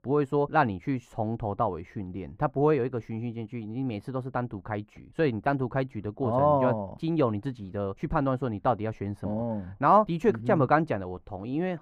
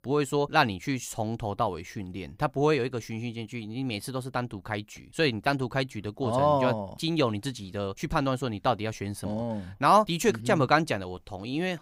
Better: second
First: muffled; very; fading above 2.5 kHz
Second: none

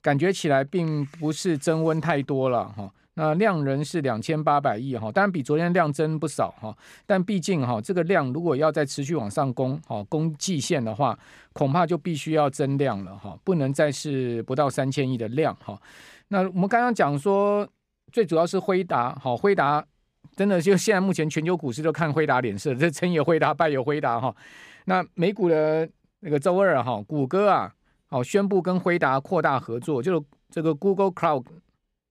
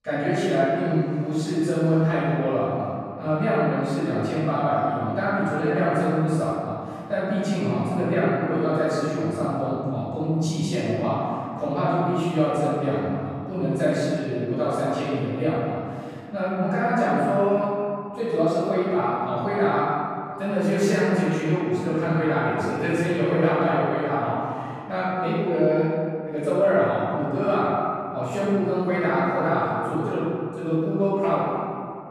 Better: first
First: none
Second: room echo; strong; dies away in 2.4 s // off-mic speech; far

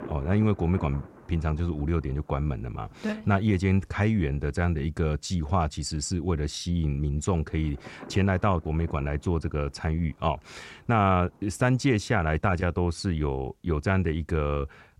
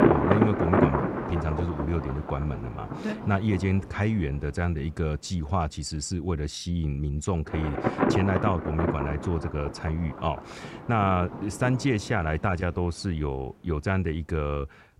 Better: first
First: rain or running water; faint; throughout; 25 dB below the speech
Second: rain or running water; loud; throughout; 2 dB below the speech

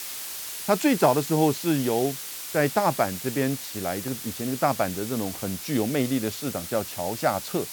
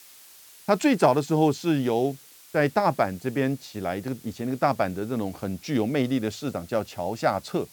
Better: second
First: hiss; loud; throughout; 7 dB below the speech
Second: hiss; faint; throughout; 25 dB below the speech

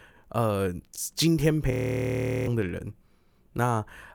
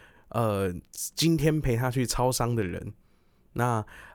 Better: second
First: audio freezing; at 1.5 s for 1 s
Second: none

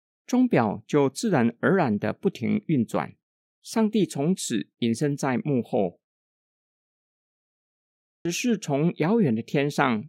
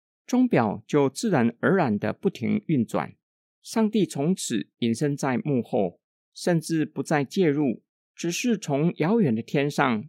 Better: second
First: audio cutting out; at 6 s for 2 s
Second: none

